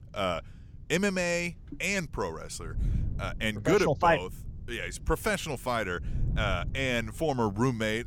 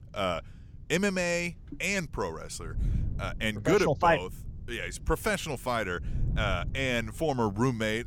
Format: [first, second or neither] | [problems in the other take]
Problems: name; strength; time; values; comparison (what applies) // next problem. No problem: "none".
neither | wind noise on the microphone; occasional gusts; 25 dB below the speech; the same in both